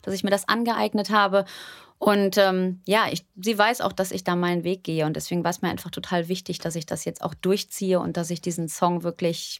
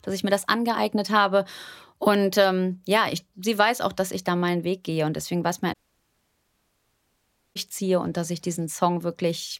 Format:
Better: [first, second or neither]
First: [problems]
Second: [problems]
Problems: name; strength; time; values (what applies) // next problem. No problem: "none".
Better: first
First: none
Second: audio cutting out; at 5.5 s for 2 s